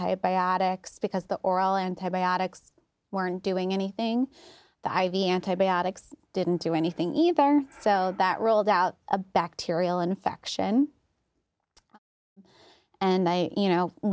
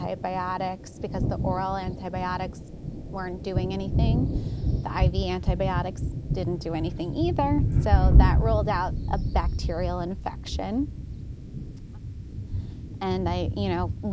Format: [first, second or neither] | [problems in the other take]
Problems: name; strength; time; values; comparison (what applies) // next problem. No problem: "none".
first | background sound (Thunder); 5 dB above the speech